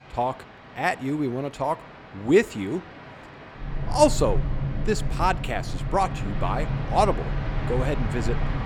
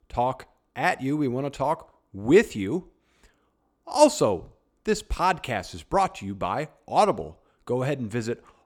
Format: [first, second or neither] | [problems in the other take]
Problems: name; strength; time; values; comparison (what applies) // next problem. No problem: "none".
second | train or aircraft noise; loud; throughout; 4 dB below the speech